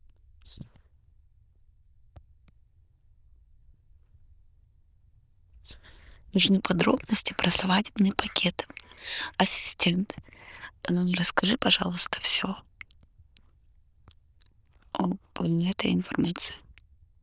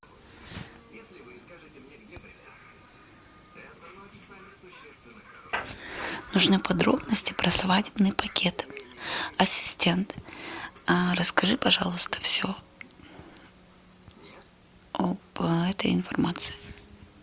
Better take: second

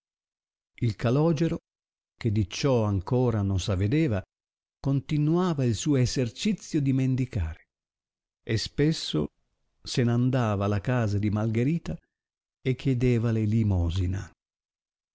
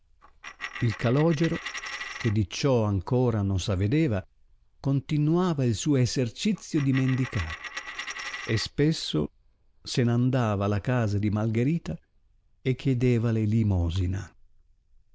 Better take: first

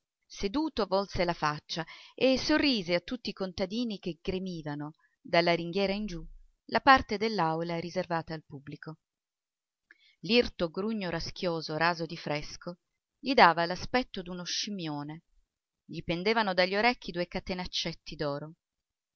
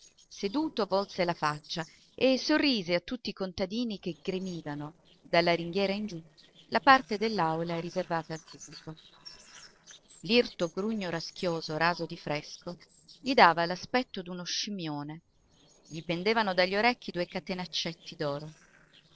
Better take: first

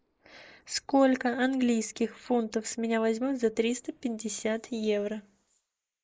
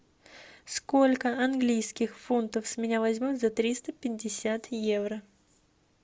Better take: second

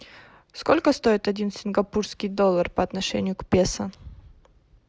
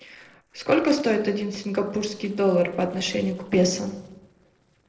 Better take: first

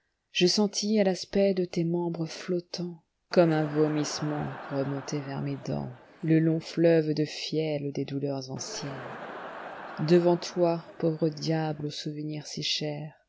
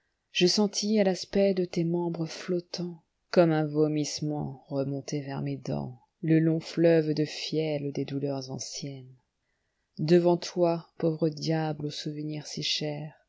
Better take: second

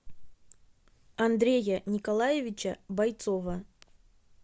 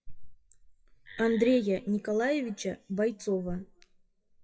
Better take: first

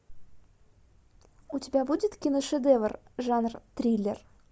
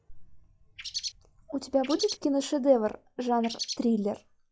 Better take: first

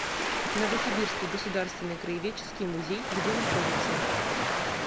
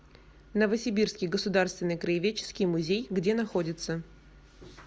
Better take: second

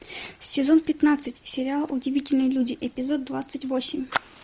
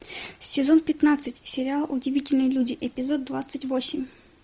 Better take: second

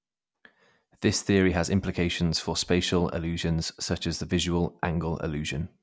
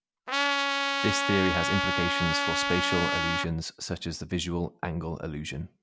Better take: first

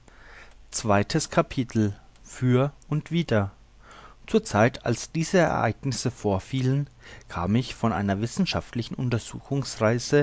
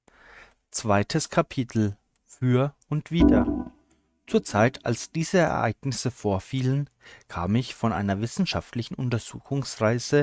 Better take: first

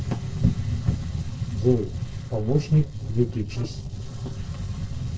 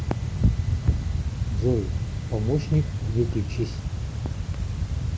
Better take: second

